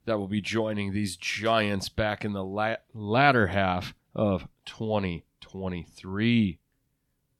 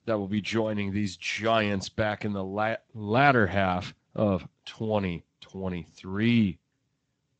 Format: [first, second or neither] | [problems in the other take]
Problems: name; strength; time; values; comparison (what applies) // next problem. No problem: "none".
first | garbled, watery; slightly; nothing above 7.5 kHz